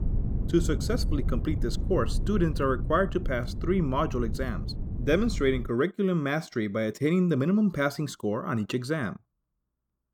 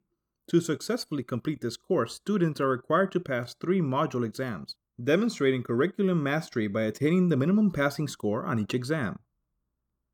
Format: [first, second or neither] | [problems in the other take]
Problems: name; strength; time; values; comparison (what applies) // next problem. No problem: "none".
second | low rumble; noticeable; until 5.5 s; 15 dB below the speech